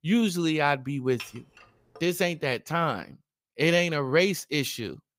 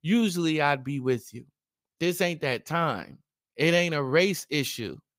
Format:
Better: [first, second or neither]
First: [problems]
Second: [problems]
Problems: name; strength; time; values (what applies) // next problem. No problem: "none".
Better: second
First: clattering dishes; faint; at 1 s; peak 15 dB below the speech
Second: none